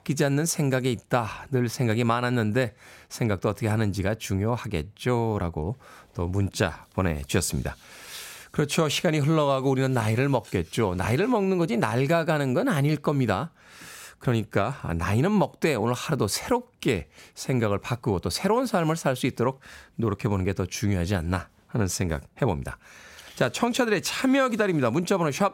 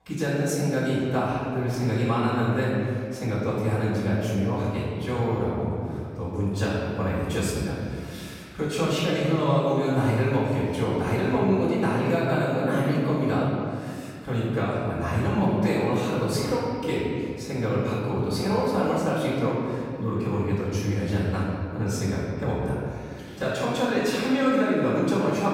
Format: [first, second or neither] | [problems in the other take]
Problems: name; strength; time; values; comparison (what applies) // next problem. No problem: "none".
first | room echo; strong; dies away in 2.2 s // off-mic speech; far